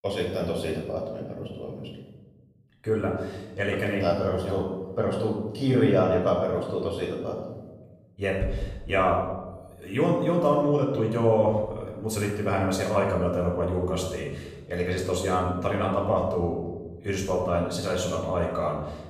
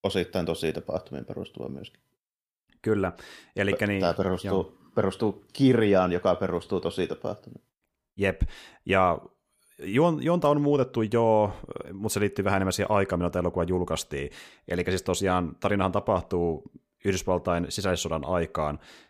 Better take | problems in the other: second | off-mic speech; far // room echo; noticeable; dies away in 1 s

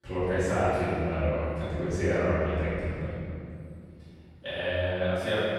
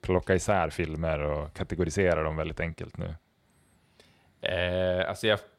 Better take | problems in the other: second | room echo; strong; dies away in 2.6 s // off-mic speech; far

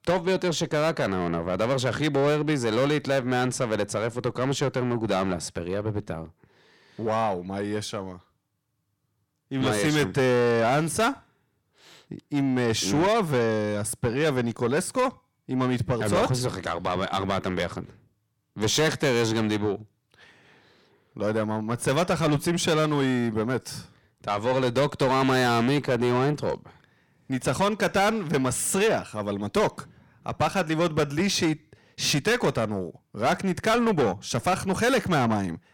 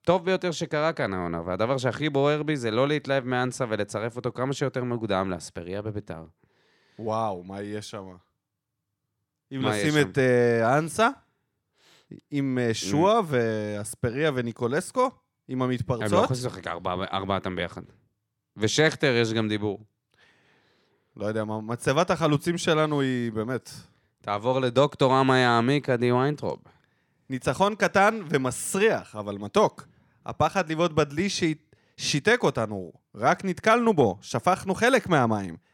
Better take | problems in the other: second | distortion; heavy; 7 dB below the speech

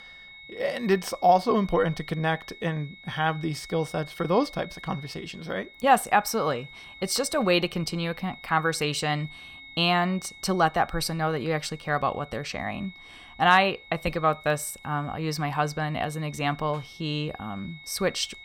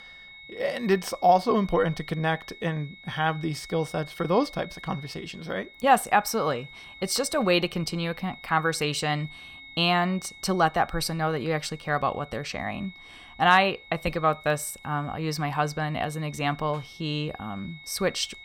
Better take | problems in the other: neither | high-pitched whine; noticeable; throughout; 2 kHz, 20 dB below the speech; the same in both

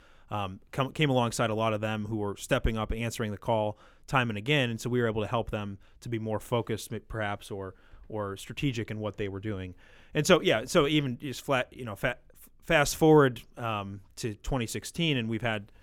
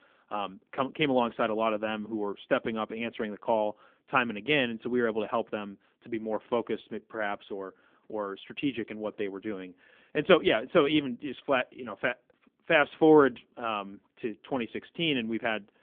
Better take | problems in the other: first | phone-call audio; nothing above 3.5 kHz

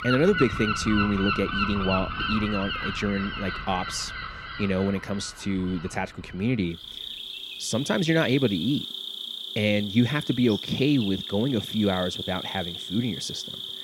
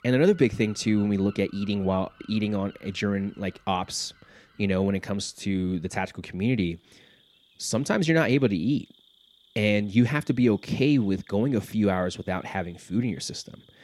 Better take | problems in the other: second | animal sounds; loud; throughout; 5 dB below the speech; faint in the second

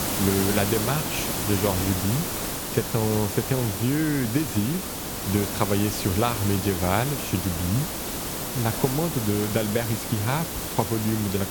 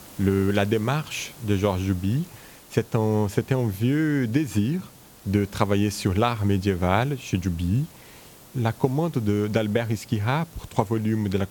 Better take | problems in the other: second | hiss; loud; throughout; 2 dB below the speech; faint in the second

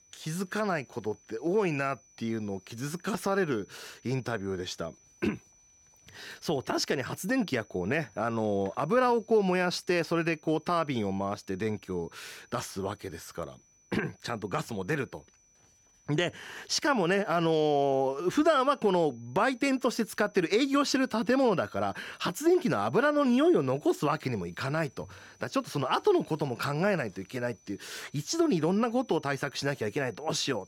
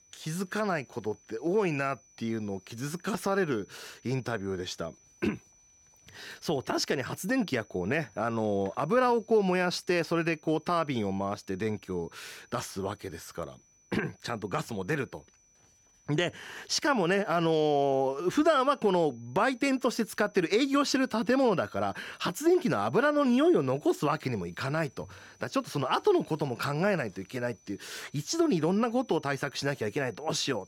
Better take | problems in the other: neither | high-pitched whine; faint; throughout; 6 kHz, 30 dB below the speech; the same in both

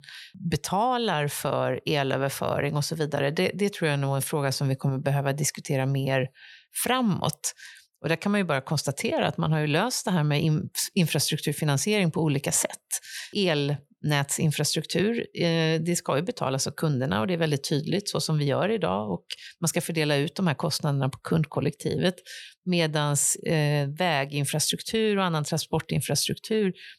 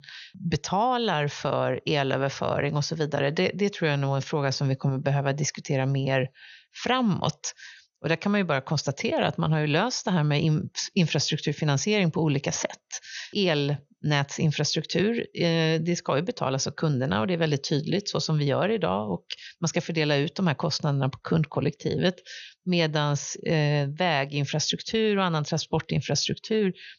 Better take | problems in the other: first | garbled, watery; slightly; nothing above 6.5 kHz

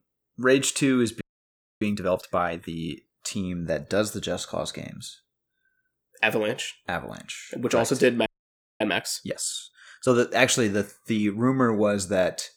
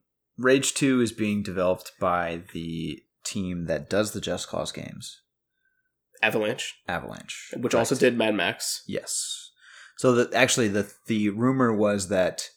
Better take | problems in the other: second | audio freezing; at 1 s for 0.5 s and at 8.5 s for 0.5 s

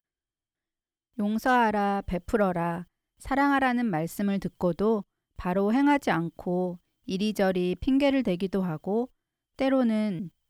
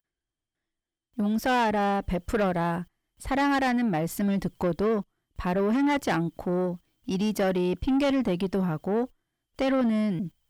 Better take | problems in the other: first | distortion; slight; 10 dB below the speech

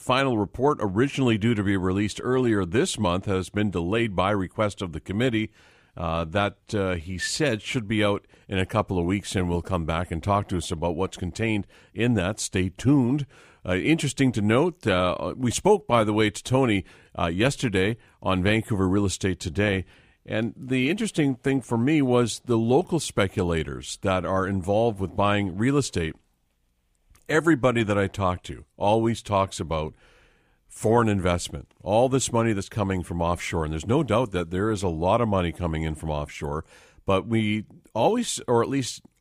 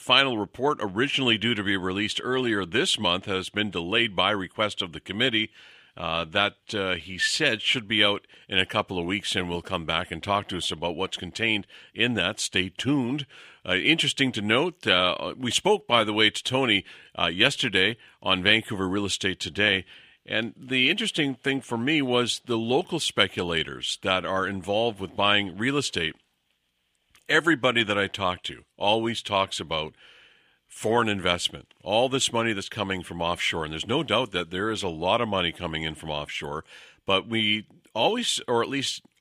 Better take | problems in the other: first | thin; very slightly; fading below 400 Hz

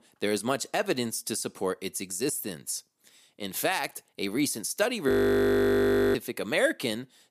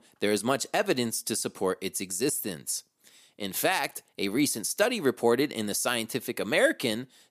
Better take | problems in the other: second | audio freezing; at 5 s for 1 s

